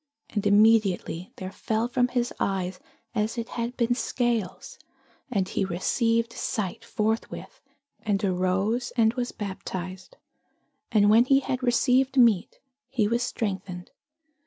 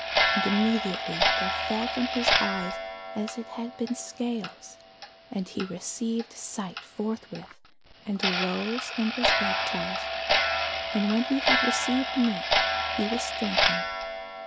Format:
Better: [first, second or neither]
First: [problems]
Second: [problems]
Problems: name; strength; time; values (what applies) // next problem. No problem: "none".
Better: first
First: none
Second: background sound (Clock); 2 dB above the speech